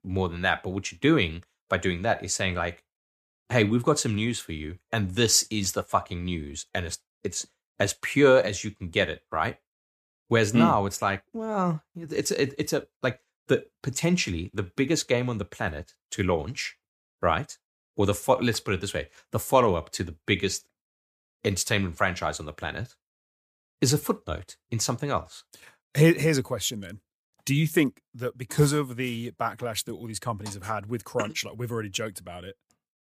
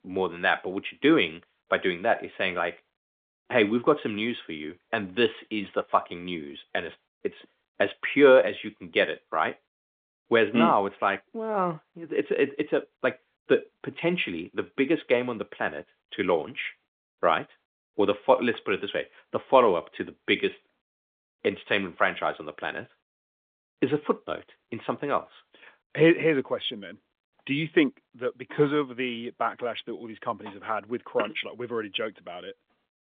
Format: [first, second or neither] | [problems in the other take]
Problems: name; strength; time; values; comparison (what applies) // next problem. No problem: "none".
first | phone-call audio; nothing above 3.5 kHz